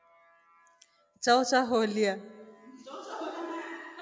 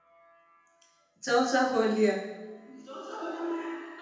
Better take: first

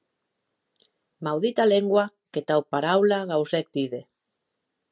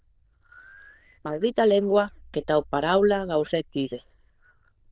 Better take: first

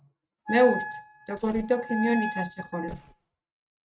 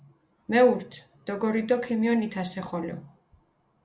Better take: second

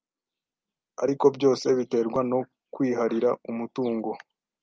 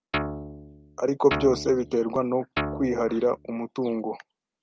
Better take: first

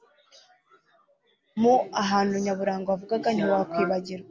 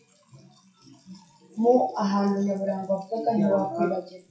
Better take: first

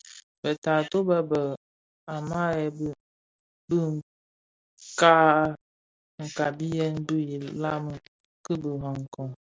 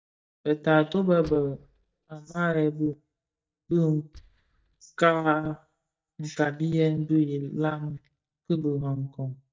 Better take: first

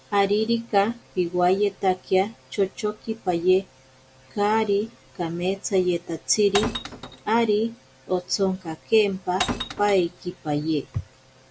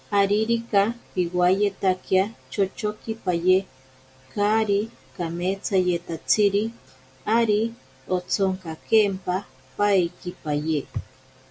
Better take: second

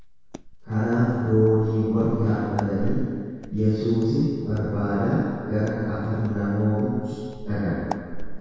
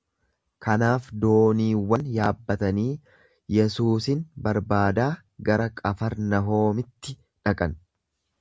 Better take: second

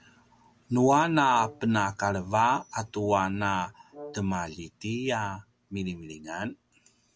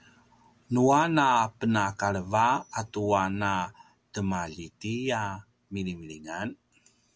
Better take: second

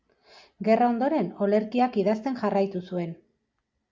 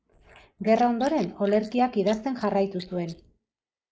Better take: first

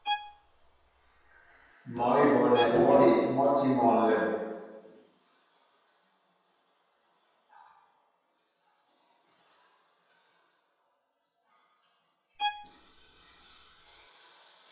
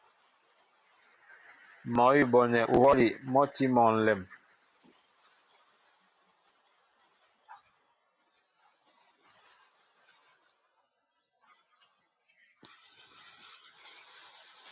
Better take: second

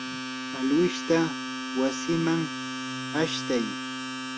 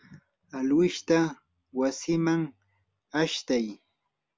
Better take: second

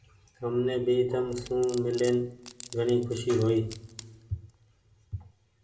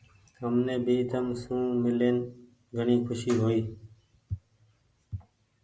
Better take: second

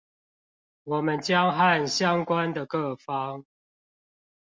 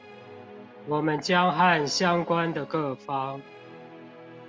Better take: first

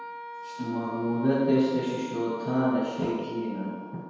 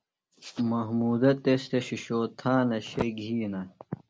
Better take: second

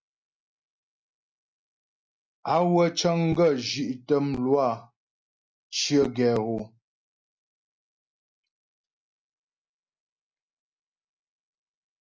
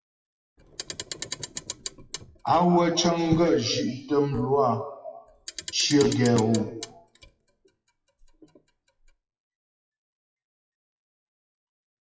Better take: first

